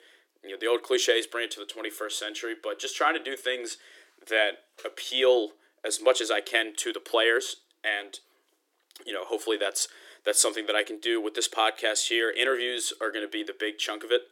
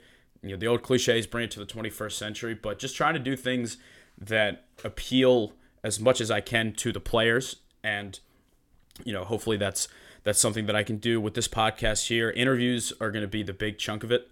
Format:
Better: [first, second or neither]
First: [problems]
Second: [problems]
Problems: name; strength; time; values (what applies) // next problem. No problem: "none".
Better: second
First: thin; very; fading below 300 Hz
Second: none